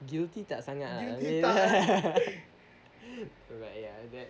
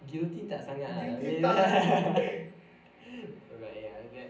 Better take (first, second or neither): first